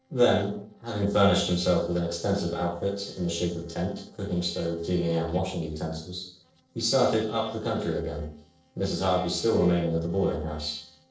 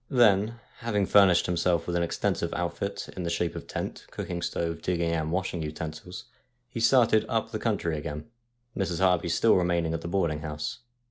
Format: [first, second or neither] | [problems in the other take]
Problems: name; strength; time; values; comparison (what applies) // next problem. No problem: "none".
second | noise reduction (neural separator model SepFormer DNS4)